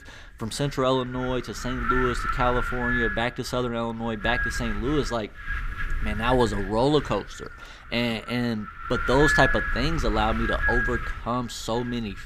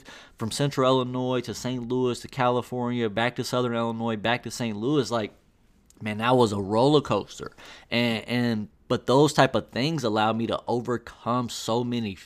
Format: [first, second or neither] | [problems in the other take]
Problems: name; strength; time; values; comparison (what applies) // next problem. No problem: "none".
second | wind noise on the microphone; heavy; as loud as the speech